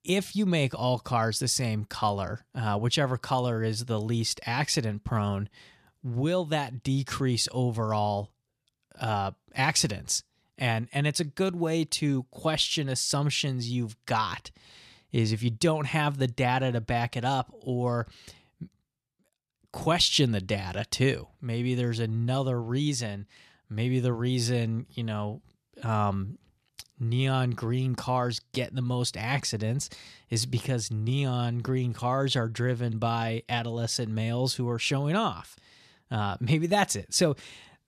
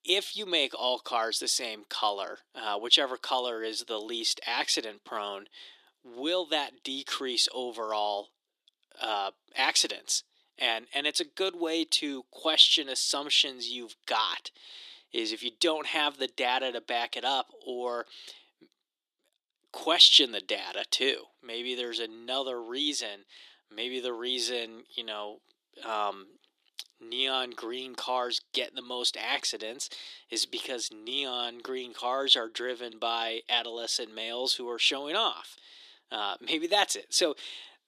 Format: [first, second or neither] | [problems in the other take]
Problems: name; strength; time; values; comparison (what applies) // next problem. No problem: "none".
first | thin; very; fading below 300 Hz